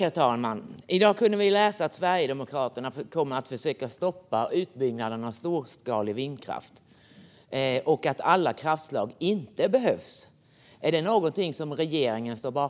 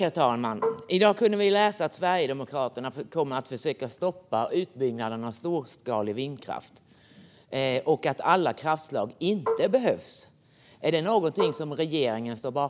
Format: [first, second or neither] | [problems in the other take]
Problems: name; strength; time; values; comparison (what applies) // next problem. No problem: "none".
first | background sound (Marimba, xylophone); 7 dB below the speech